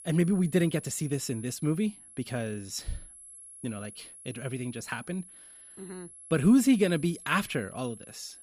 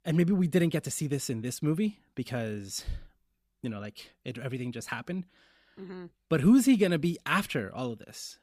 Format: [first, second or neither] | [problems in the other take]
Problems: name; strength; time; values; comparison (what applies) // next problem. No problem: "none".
second | high-pitched whine; noticeable; throughout; 11 kHz, 20 dB below the speech